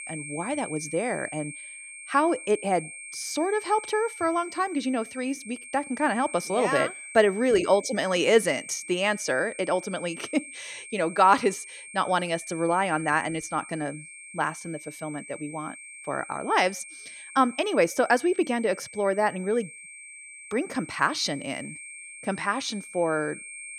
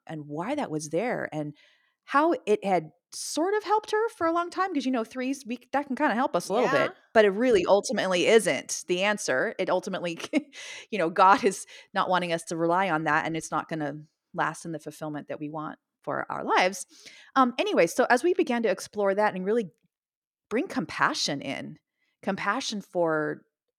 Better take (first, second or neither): second